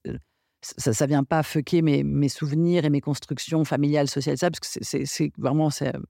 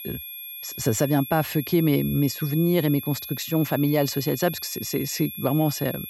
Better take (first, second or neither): first